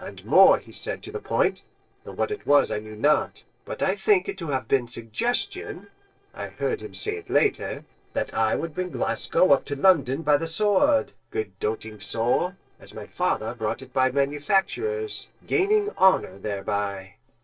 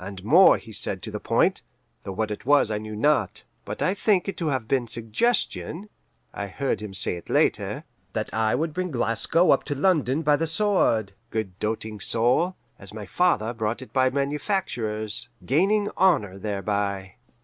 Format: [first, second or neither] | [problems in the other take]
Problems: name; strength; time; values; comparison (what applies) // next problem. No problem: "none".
second | noise reduction (neural separator model SepFormer DNS4)